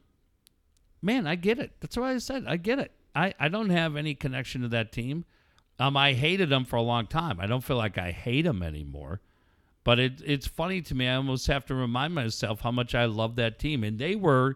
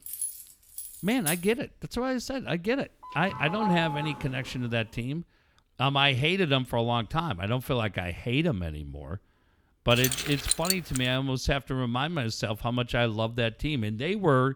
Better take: first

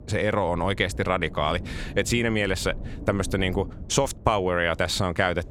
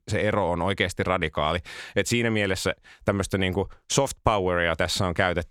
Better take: second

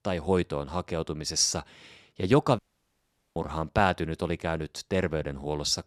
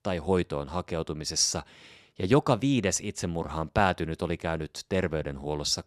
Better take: second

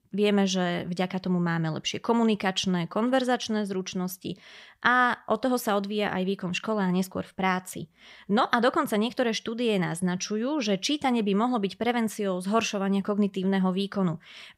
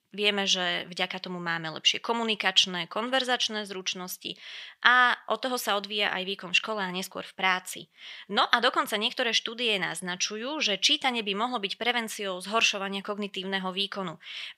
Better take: first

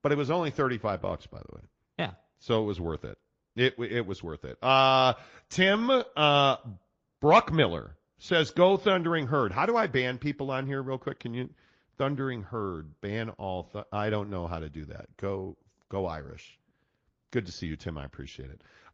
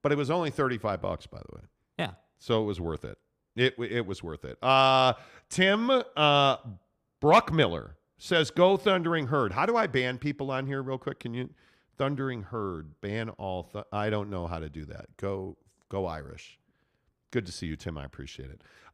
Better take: second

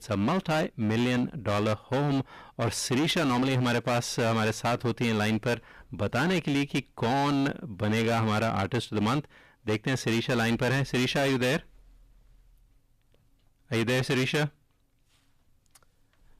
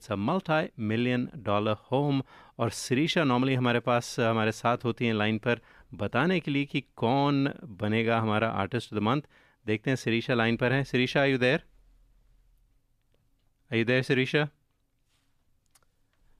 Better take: second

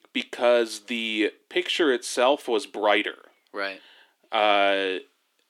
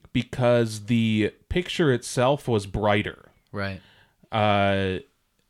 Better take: second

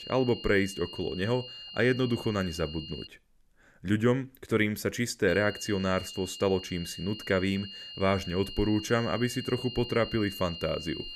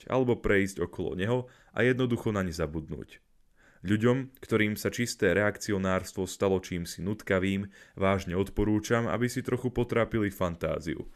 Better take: second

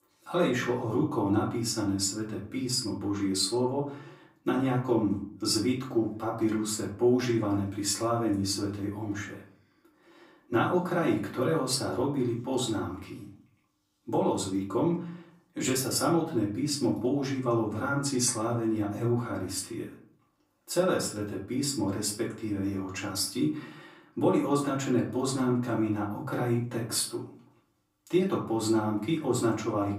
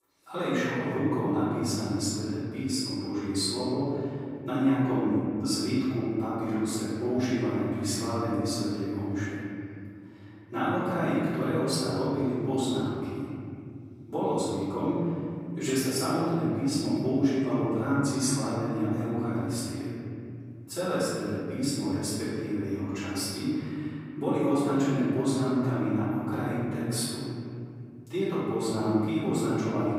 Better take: first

